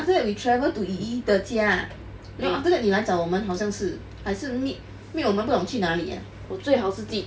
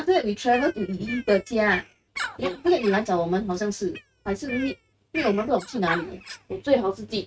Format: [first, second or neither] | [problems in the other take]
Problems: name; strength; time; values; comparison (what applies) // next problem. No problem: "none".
first | noise reduction (neural mask model RNNoise)